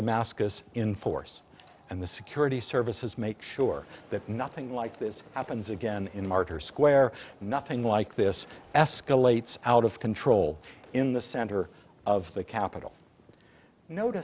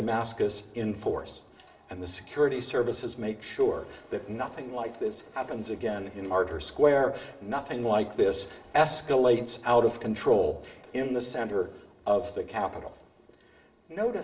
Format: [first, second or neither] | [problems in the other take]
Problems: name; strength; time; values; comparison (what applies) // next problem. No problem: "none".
first | room echo; dies away in 0.6 s